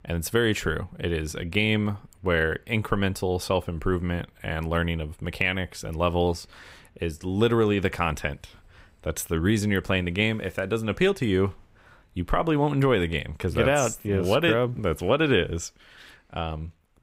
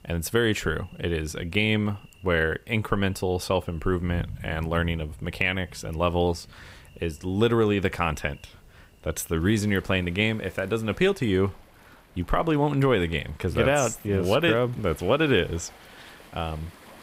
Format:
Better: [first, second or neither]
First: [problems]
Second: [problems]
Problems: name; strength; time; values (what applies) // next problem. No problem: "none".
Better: first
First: none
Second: rain or running water; faint; throughout; 20 dB below the speech